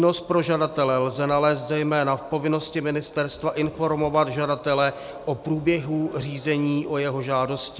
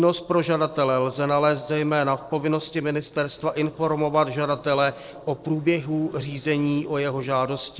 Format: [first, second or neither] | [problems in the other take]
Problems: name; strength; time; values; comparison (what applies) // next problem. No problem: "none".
first | noise reduction (neural separator model SepFormer DNS4)